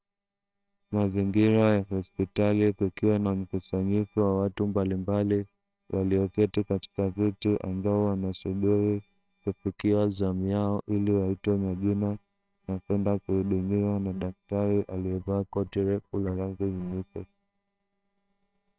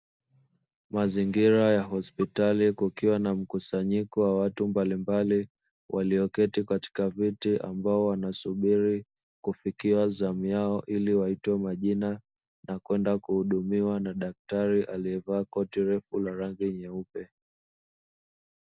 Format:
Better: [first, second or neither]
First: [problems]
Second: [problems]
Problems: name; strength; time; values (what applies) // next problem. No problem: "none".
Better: second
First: noise reduction (neural separator model SepFormer WHAMR!)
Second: none